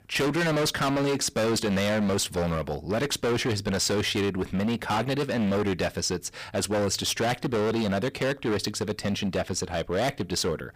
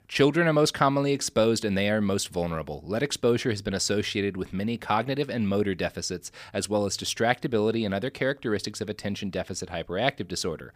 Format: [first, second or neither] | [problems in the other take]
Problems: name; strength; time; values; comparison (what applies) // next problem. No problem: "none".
second | distortion; heavy; 26% of the sound clipped